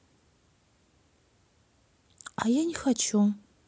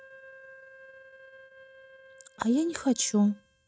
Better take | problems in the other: first | noise reduction (neural mask model RNNoise)

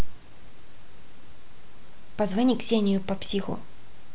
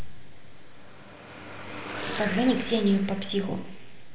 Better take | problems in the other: first | background sound (Car passing by / Traffic noise, roadway noise / Engine); 11 dB below the speech // room echo; dies away in 0.8 s

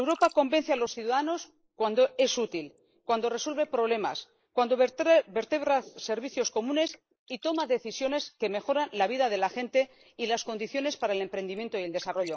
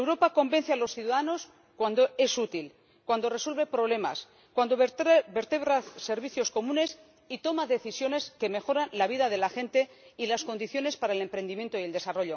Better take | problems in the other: second | noise reduction (neural mask model Resemble Enhance denoiser)

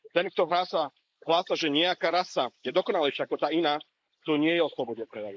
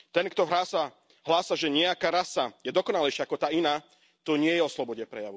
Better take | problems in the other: second | noise reduction (neural mask model Resemble Enhance denoiser)

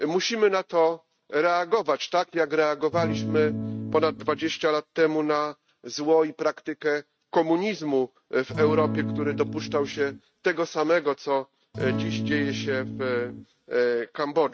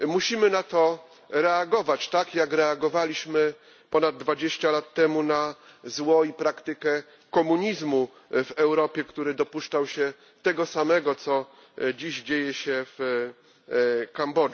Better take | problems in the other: second | noise reduction (neural mask model RNNoise)

